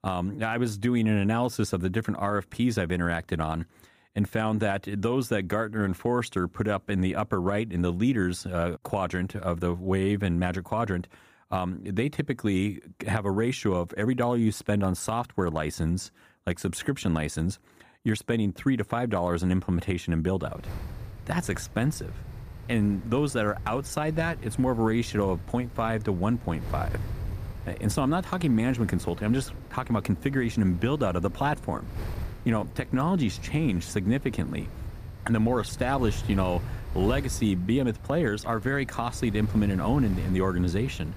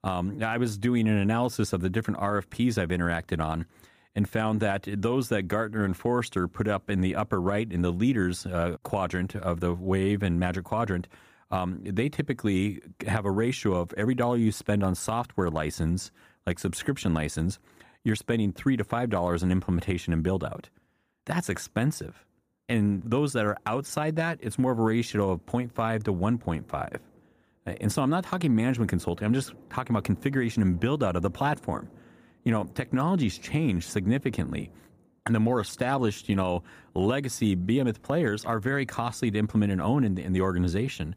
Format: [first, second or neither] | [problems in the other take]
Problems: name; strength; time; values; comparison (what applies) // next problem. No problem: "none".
second | wind noise on the microphone; occasional gusts; from 20 s on; 20 dB below the speech